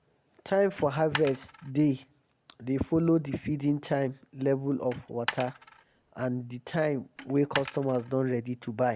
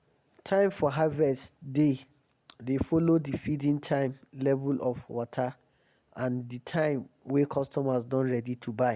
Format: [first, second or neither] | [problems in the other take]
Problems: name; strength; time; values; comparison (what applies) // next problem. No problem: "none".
second | background sound (Coin (dropping)); 11 dB below the speech